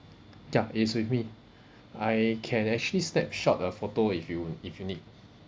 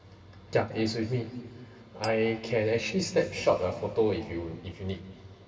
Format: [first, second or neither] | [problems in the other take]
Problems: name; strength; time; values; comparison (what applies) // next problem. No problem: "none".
first | background sound (Glass); 19 dB below the speech // room echo; dies away in 2.2 s